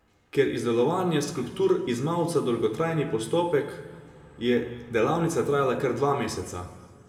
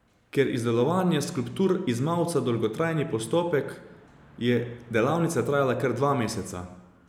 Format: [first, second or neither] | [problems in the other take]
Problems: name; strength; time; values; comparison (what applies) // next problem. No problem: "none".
second | room echo; dies away in 1.6 s